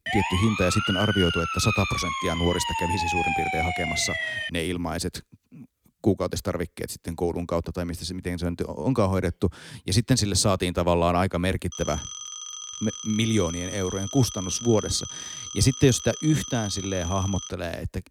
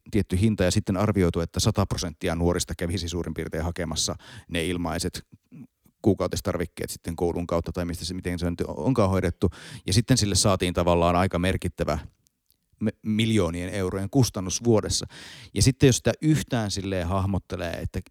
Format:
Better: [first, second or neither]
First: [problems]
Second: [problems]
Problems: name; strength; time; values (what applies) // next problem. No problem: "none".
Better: second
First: siren; loud; until 4.5 s; peak 1 dB above the speech // phone ringing; noticeable; from 12 to 17 s; peak 8 dB below the speech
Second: none